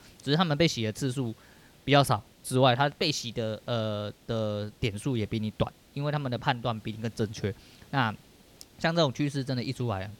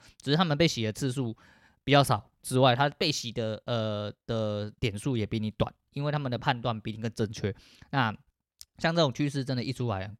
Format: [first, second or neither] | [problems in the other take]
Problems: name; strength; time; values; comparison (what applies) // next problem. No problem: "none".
second | hiss; faint; throughout; 30 dB below the speech